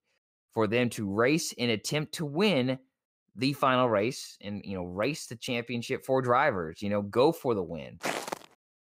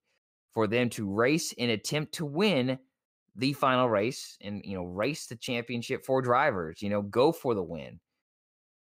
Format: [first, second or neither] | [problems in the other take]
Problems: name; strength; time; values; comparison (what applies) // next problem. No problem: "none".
second | footsteps; noticeable; at 8 s; peak 5 dB below the speech